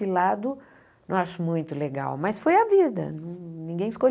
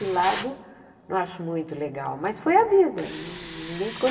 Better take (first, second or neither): first